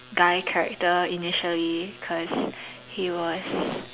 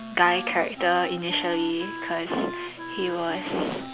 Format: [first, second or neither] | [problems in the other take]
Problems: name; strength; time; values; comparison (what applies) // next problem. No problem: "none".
first | background sound (Wind instrument, woodwind instrument); 10 dB below the speech